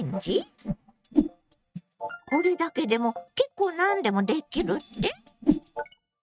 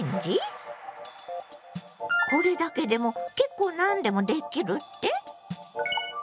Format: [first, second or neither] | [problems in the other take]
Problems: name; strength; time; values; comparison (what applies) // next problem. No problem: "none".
second | noise reduction (neural mask model RNNoise)